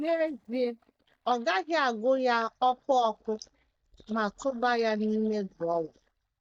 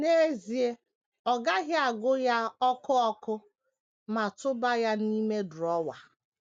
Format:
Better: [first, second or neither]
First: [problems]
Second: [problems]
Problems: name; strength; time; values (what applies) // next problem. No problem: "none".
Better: second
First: noise reduction (neural mask model DeepFilterNet 3)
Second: none